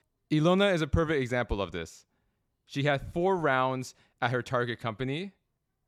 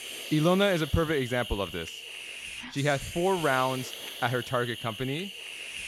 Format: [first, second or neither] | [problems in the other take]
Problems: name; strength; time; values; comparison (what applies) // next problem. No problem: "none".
first | hiss; loud; throughout; 10 dB below the speech